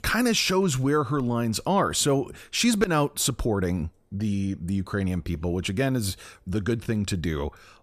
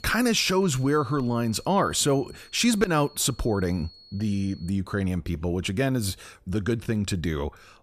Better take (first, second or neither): first